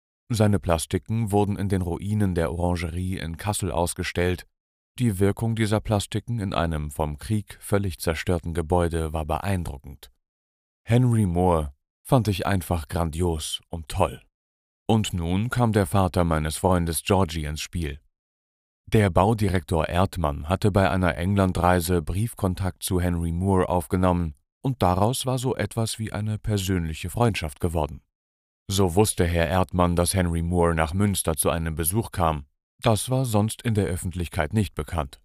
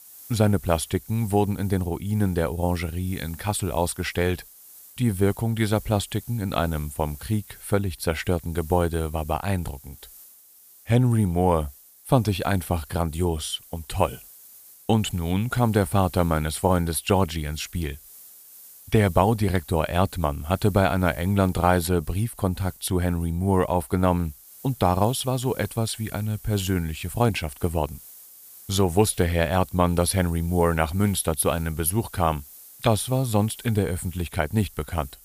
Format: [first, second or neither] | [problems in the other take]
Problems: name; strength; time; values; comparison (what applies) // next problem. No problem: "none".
first | hiss; faint; throughout; 20 dB below the speech